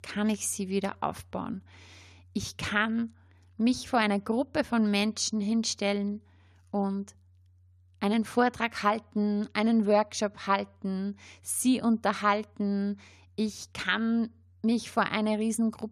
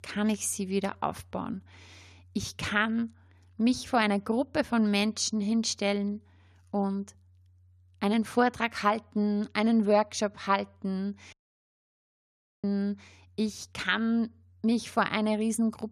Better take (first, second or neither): first